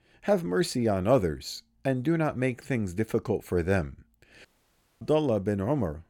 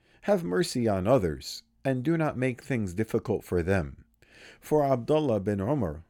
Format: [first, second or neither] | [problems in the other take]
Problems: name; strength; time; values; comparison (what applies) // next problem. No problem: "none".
second | audio cutting out; at 4.5 s for 0.5 s